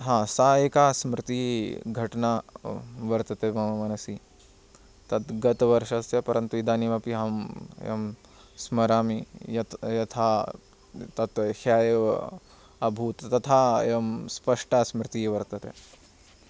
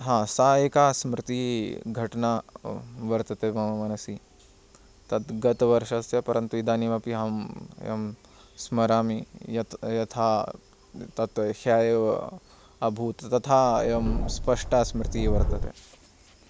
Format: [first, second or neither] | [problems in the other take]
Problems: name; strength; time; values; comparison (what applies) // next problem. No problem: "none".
first | background sound (Subway, metro, underground); 1 dB below the speech